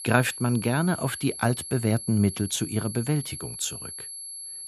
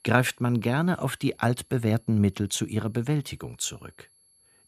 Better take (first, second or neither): second